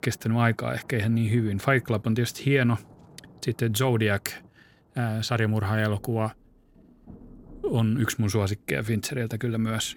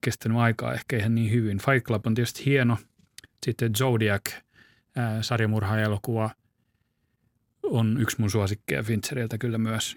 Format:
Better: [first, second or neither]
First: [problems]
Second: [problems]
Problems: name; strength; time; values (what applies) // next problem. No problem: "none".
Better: second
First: rain or running water; faint; throughout; 25 dB below the speech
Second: none